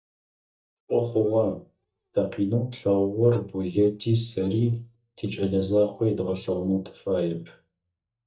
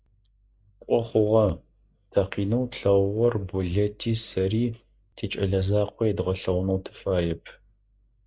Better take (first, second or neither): second